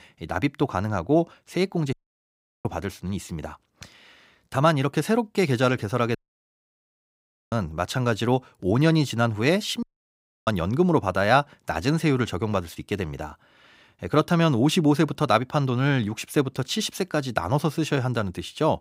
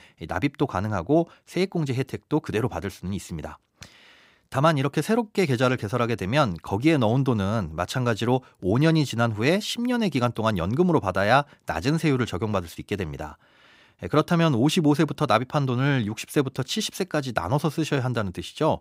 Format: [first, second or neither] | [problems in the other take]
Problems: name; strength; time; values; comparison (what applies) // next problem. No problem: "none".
second | audio cutting out; at 2 s for 0.5 s, at 6 s for 1.5 s and at 10 s for 0.5 s